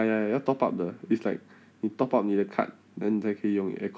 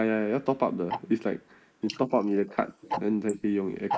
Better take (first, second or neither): first